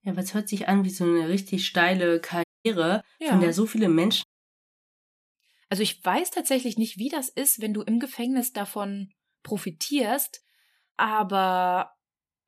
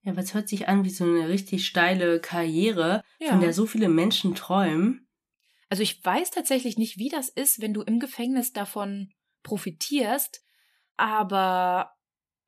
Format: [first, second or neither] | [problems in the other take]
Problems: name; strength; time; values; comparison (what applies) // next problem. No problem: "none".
second | audio cutting out; at 2.5 s and at 4 s for 1 s